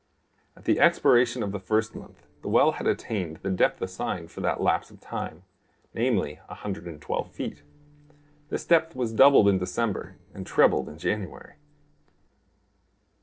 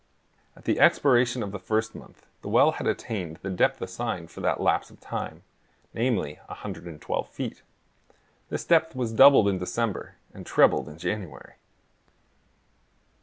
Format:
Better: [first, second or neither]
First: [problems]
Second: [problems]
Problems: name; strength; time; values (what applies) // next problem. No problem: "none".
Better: second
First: noise reduction (neural separator model SepFormer DNS4)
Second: none